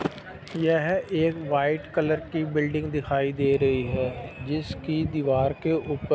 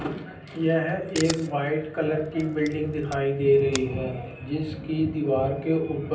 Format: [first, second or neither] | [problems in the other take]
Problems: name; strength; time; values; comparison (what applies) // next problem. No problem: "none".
first | background sound (Camera); 14 dB below the speech // room echo; dies away in 0.6 s